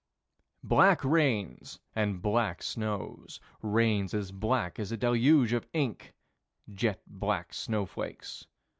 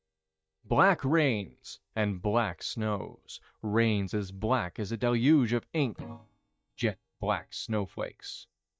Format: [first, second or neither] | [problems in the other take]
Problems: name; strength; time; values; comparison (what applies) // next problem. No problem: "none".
first | noise reduction (neural mask model DeepFilterNet 3)